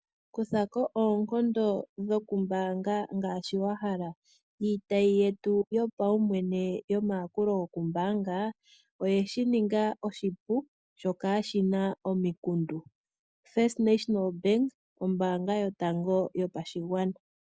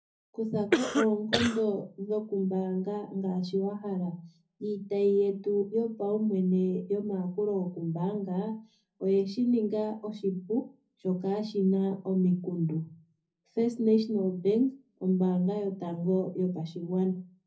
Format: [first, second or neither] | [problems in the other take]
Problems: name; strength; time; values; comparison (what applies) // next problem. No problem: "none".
first | background sound (Cough); as loud as the speech // room echo; dies away in 0.4 s